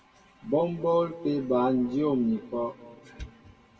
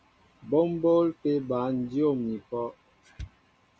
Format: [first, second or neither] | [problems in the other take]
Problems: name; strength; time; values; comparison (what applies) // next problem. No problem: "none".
second | room echo; dies away in 1.7 s